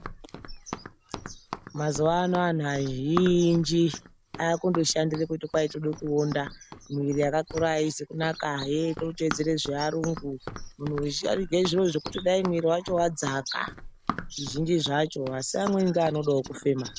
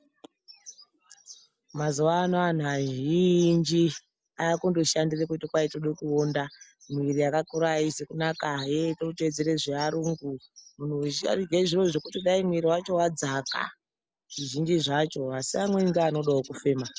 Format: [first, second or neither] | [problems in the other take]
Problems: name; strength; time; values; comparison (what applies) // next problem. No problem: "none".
second | background sound (Run); 13 dB below the speech